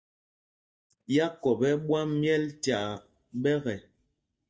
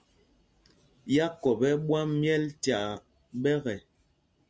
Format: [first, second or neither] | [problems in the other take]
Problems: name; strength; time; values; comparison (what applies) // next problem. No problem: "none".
second | noise reduction (neural mask model DeepFilterNet 3)